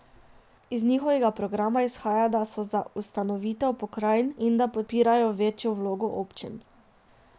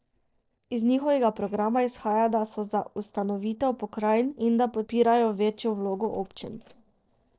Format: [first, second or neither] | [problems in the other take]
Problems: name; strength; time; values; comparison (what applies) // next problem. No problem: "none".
first | noise reduction (neural separator model SepFormer DNS4)